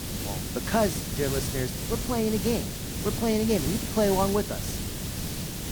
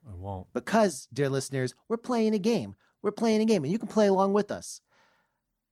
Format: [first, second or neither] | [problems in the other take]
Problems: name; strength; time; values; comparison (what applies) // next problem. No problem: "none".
second | hiss; loud; throughout; 3 dB below the speech